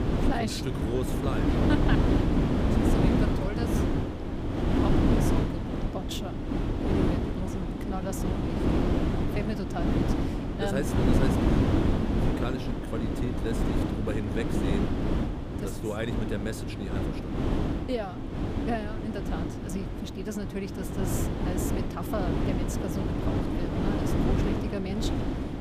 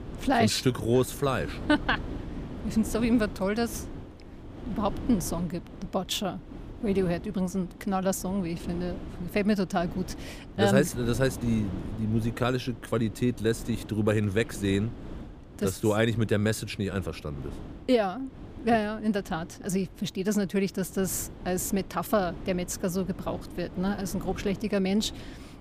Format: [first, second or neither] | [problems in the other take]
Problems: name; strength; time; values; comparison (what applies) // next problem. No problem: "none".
second | wind noise on the microphone; heavy; 4 dB above the speech; occasional gusts in the second